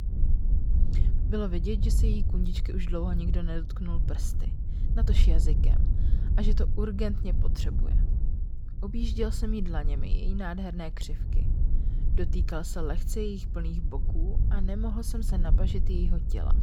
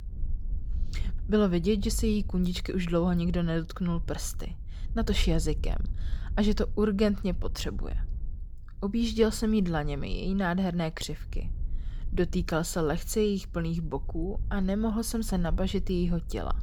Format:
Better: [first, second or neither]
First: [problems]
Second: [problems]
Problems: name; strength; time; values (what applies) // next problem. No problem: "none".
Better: second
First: low rumble; loud; throughout; 8 dB below the speech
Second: low rumble; faint; throughout; 25 dB below the speech